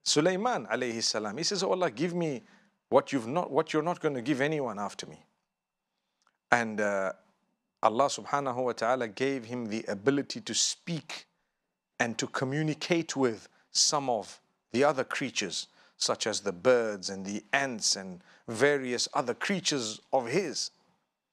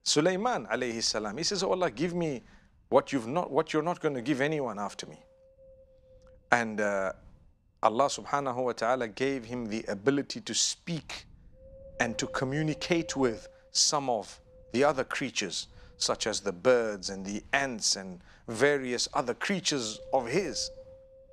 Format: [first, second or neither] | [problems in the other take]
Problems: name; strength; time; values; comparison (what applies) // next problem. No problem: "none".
first | wind noise on the microphone; occasional gusts; 20 dB below the speech